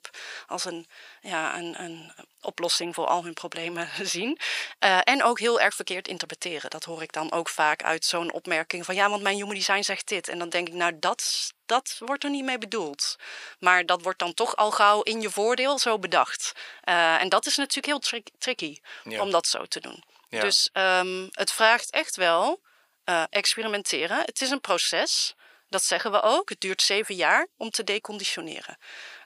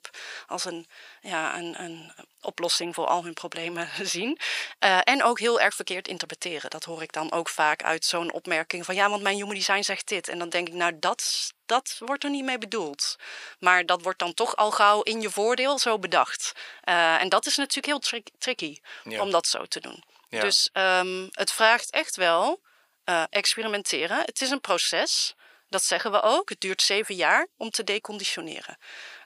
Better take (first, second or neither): neither